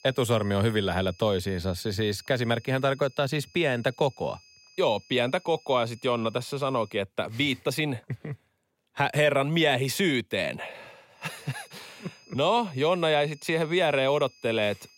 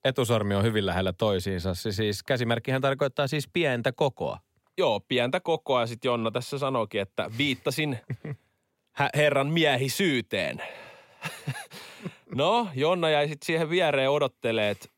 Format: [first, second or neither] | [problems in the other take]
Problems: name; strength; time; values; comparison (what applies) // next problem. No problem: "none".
second | high-pitched whine; faint; until 7 s and from 11 s on; 5 kHz, 25 dB below the speech